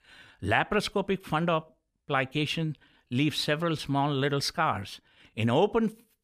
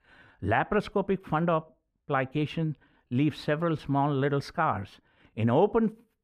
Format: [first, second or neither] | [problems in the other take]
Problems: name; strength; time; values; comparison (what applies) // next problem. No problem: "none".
first | muffled; slightly; fading above 2.5 kHz